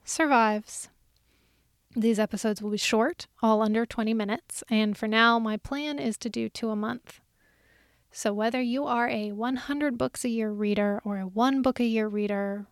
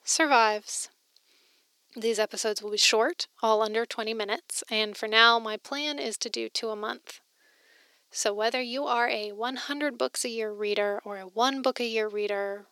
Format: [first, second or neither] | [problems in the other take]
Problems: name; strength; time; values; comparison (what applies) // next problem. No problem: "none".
first | thin; somewhat; fading below 350 Hz